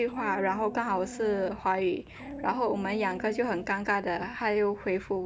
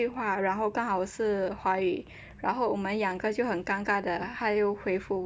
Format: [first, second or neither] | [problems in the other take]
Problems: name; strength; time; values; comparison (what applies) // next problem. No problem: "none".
second | background sound (Dog); 13 dB below the speech